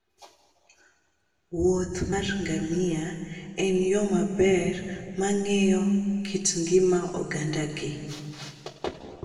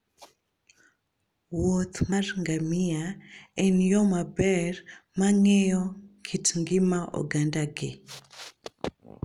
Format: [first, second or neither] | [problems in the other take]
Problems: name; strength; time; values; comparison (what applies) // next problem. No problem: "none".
second | room echo; dies away in 2.1 s